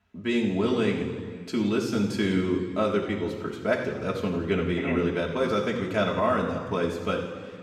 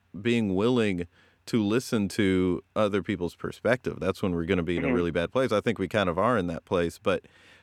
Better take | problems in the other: second | room echo; noticeable; dies away in 1.5 s // off-mic speech; far

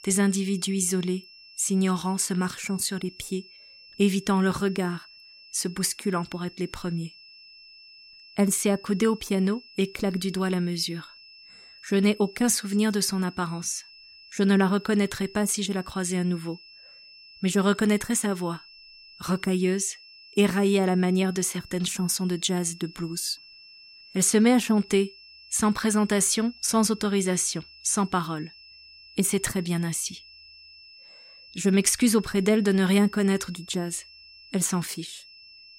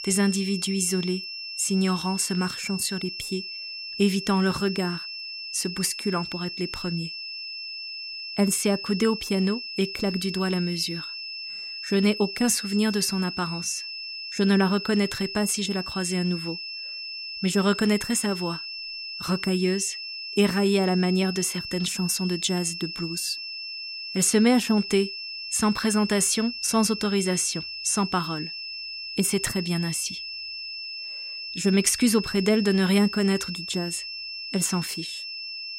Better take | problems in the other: first | high-pitched whine; loud; throughout; 5.5 kHz, 7 dB below the speech; faint in the first

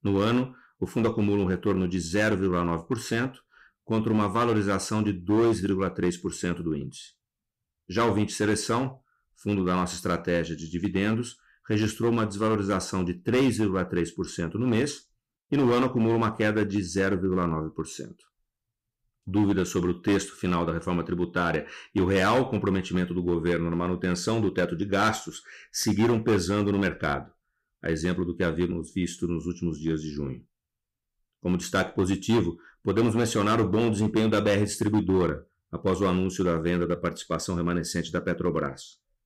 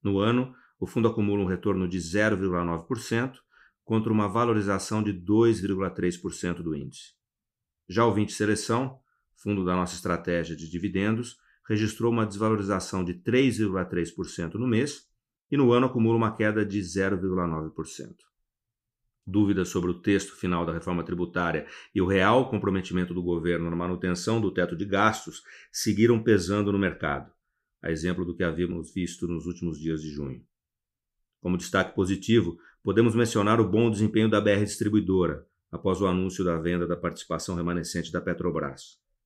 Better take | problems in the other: second | distortion; slight; 7% of the sound clipped

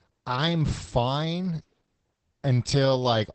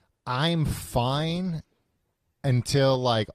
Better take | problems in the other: second | garbled, watery; badly; nothing above 8 kHz; slightly in the second

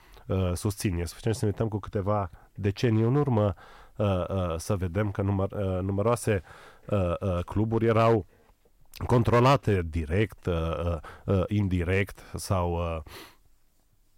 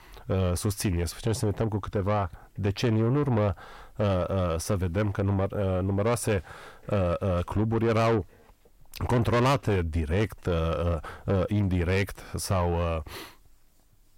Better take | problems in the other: first | distortion; slight; 10 dB below the speech

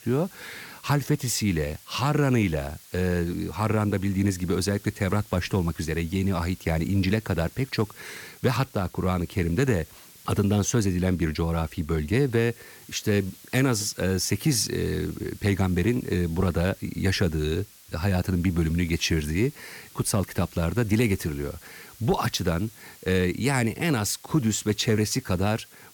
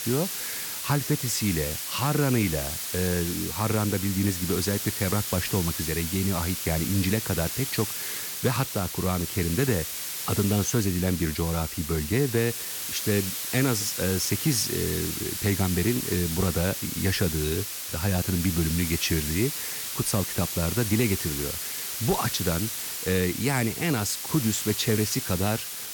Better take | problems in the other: first | hiss; loud; throughout; 3 dB below the speech; faint in the first

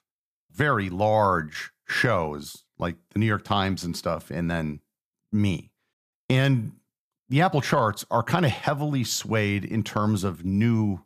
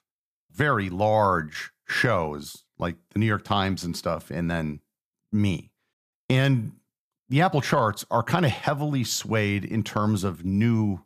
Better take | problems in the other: neither | none

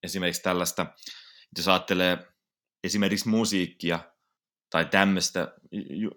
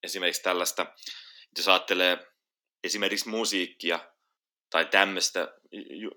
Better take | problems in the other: first | thin; somewhat; fading below 300 Hz

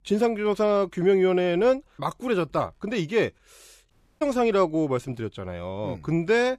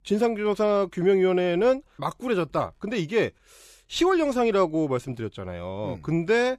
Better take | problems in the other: second | audio cutting out; at 4 s

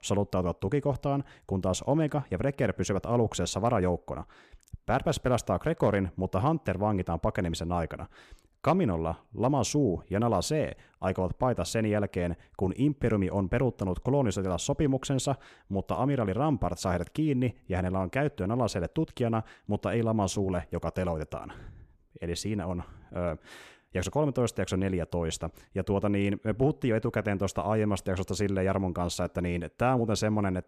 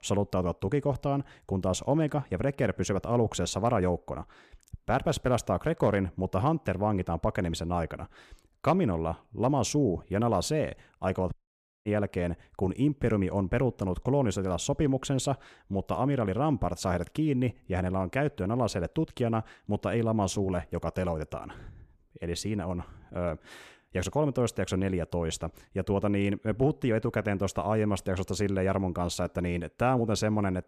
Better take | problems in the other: first | audio cutting out; at 11 s for 0.5 s

